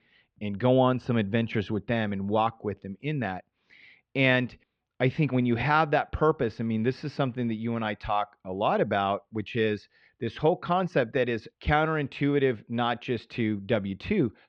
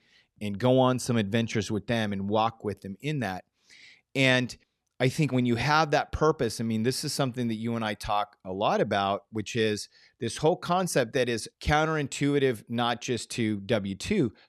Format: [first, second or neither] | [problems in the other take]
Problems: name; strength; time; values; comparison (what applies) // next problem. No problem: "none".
second | muffled; very; fading above 3 kHz